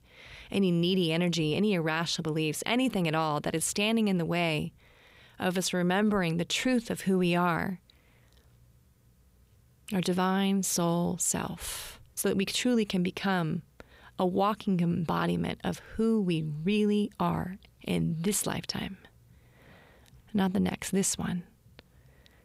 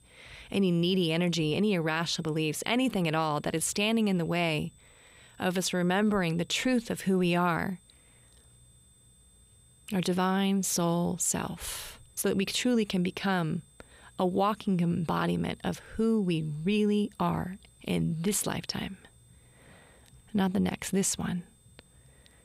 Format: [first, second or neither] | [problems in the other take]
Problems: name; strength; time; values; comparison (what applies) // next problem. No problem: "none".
first | high-pitched whine; faint; throughout; 8 kHz, 30 dB below the speech